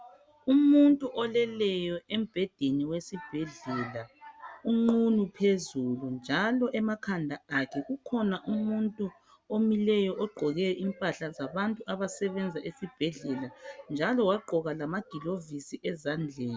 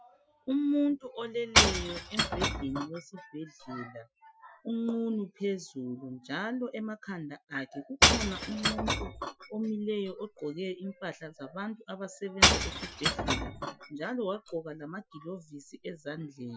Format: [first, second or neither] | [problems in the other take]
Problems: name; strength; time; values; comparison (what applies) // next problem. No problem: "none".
first | noise reduction (classical method Wiener filter)